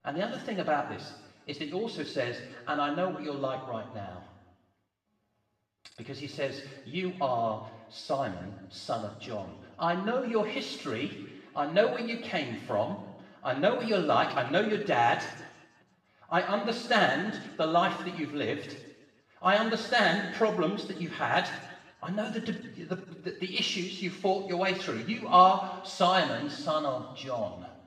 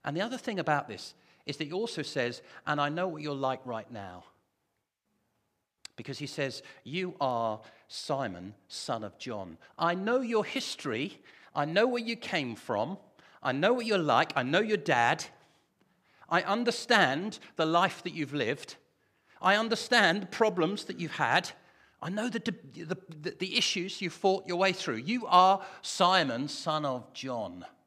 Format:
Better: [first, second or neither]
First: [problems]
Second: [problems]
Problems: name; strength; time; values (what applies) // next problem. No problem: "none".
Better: second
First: room echo; noticeable; dies away in 1.1 s // off-mic speech; far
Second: none